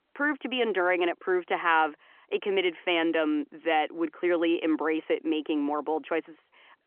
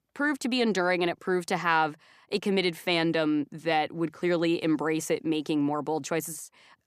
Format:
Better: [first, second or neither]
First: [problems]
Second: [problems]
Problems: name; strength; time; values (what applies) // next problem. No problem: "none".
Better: second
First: phone-call audio; nothing above 3 kHz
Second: none